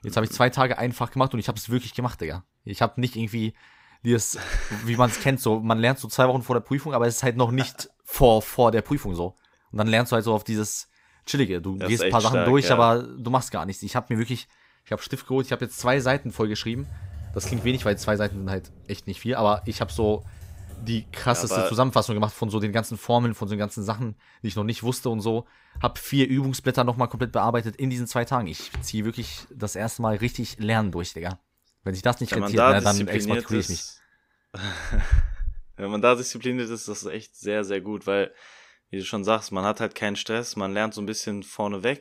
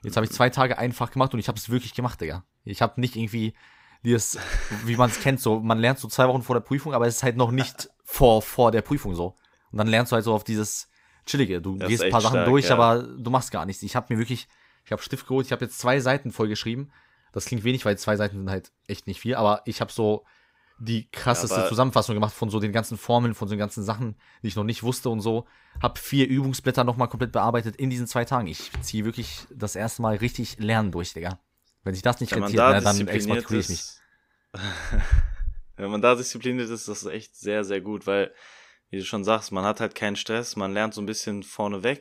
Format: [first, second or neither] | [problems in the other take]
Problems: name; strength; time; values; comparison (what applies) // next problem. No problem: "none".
second | keyboard typing; noticeable; from 16 to 21 s; peak 10 dB below the speech